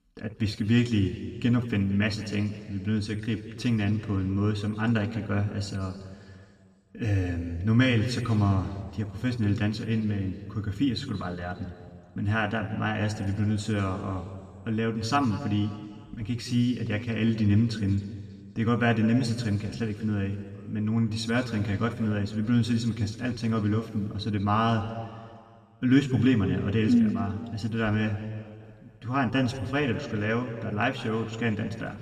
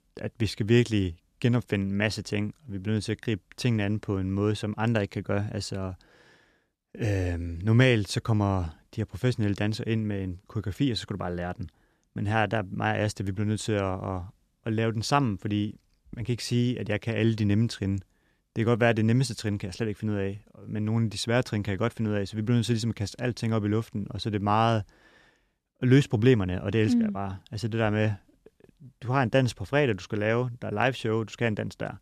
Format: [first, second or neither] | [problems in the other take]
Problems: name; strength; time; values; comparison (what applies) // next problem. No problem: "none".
second | room echo; slight; dies away in 1.9 s // off-mic speech; somewhat distant